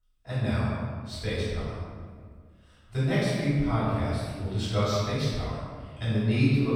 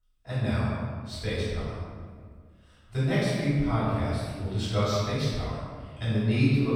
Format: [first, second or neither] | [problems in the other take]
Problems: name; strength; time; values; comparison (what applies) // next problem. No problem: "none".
neither | off-mic speech; far; the same in both // room echo; strong; dies away in 1.5 s; the same in both